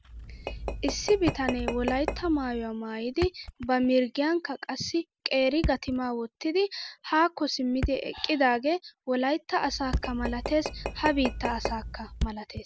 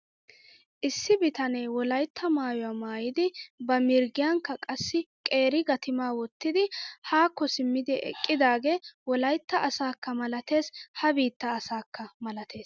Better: second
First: background sound (Tap / Glass + Thump, thud); 8 dB below the speech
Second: none

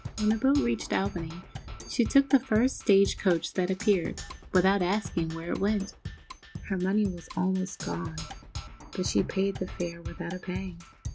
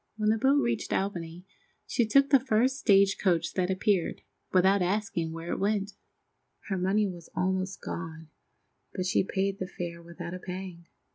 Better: second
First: background sound (Percussion); 12 dB below the speech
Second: none

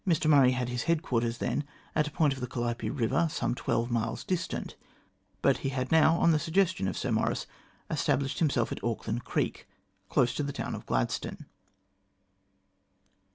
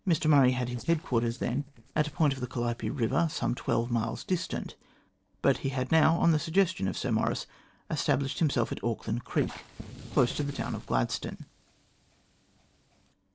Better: first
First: none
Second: noise reduction (neural separator model SepFormer DNS4)

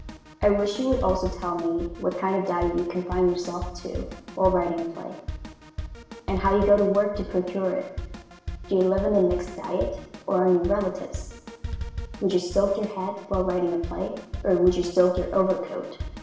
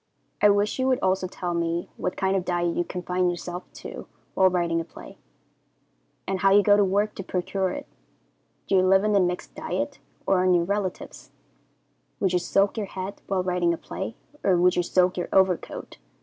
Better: second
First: background sound (Drum kit); 11 dB below the speech // room echo; dies away in 0.9 s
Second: none

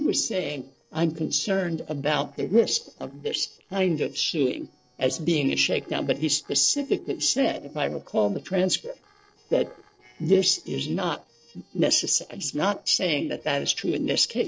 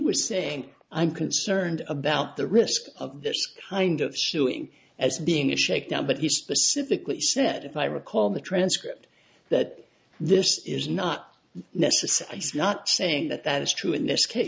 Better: second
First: noise reduction (neural separator model SepFormer DNS4)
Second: none

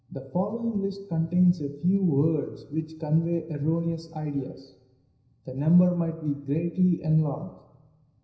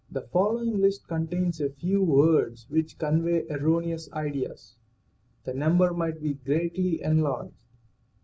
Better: second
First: room echo; dies away in 0.9 s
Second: none

